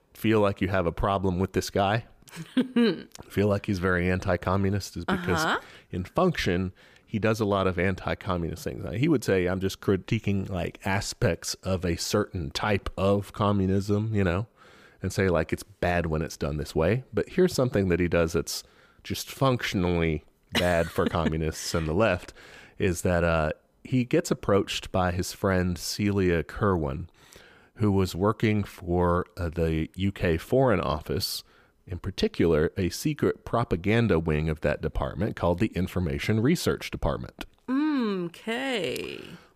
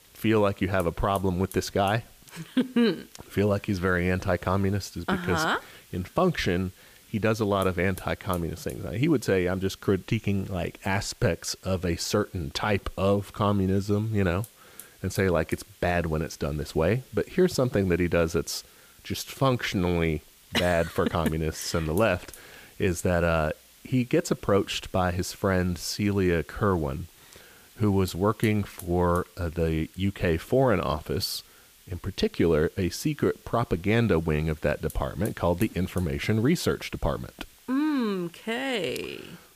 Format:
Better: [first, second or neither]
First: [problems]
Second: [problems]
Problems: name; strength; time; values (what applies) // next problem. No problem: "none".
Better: first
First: none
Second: hiss; faint; throughout; 25 dB below the speech